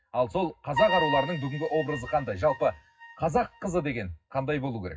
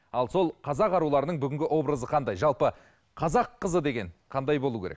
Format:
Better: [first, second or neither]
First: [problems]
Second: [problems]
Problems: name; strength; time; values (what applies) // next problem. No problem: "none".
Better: second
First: noise reduction (classical method WPE with log-MMSE)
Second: none